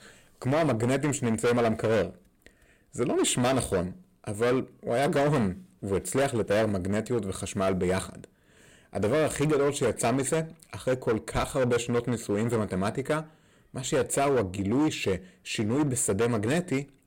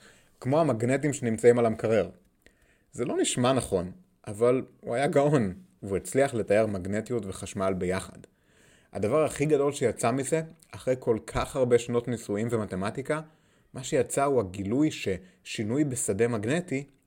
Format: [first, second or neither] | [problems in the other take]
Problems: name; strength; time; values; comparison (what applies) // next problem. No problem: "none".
second | distortion; heavy; 13% of the sound clipped